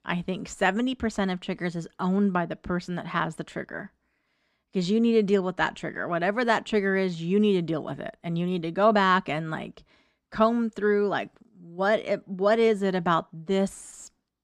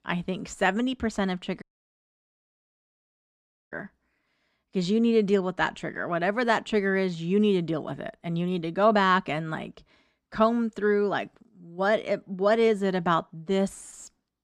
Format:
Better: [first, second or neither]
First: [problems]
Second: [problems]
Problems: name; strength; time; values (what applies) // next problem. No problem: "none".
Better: first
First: none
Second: audio cutting out; at 1.5 s for 2 s